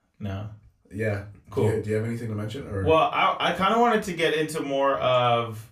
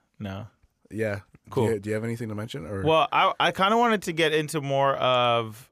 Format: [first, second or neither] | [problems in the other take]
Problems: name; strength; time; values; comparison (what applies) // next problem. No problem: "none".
second | off-mic speech; far // room echo; very slight; dies away in 0.2 s